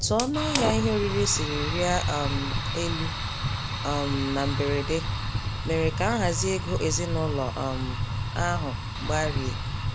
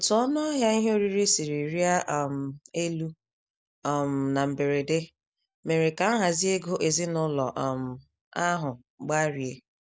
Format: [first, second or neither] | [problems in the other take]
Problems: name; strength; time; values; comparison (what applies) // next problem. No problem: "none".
second | background sound (Fire); as loud as the speech